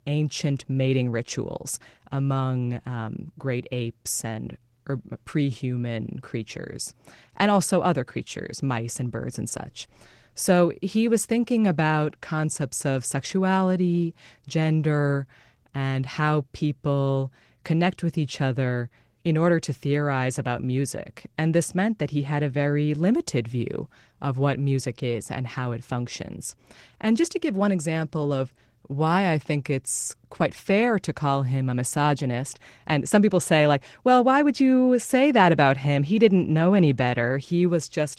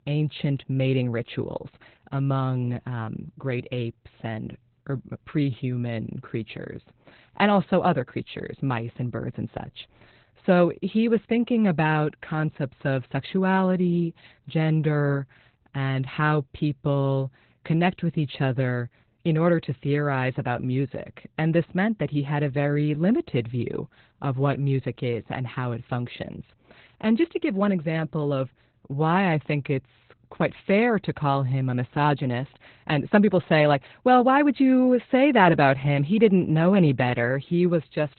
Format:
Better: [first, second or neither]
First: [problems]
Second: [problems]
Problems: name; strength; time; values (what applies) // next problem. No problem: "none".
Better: first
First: garbled, watery; slightly; nothing above 16 kHz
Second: garbled, watery; badly; nothing above 4 kHz